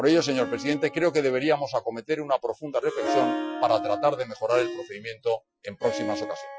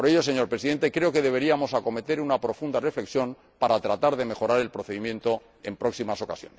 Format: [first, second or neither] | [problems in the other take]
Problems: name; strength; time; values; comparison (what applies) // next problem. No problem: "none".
second | noise reduction (classical method Wiener filter)